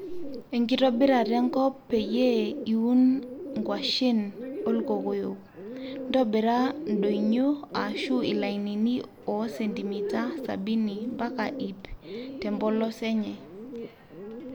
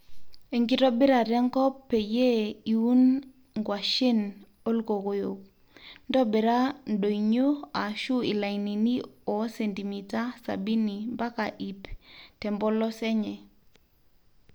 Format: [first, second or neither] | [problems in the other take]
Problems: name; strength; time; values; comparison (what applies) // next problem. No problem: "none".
second | background sound (Bird); 9 dB below the speech